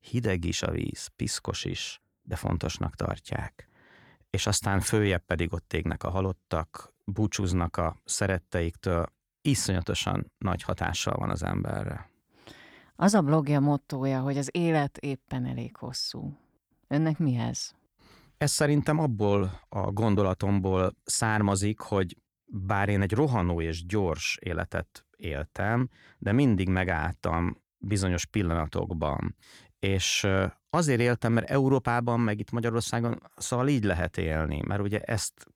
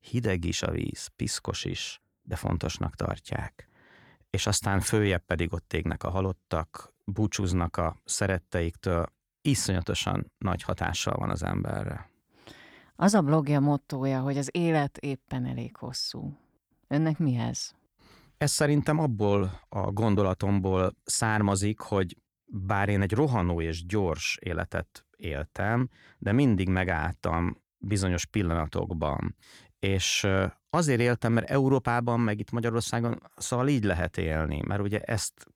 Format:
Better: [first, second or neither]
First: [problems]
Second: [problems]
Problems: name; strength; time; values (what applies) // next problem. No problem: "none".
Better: neither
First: none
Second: none